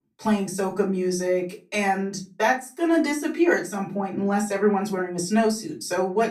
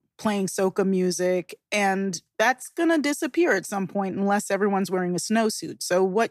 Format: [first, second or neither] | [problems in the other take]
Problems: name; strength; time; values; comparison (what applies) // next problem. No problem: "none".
second | off-mic speech; far // room echo; very slight; dies away in 0.2 s